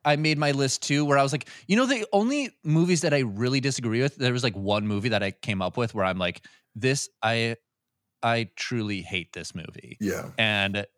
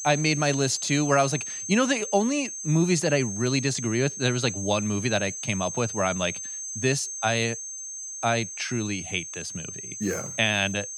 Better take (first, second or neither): first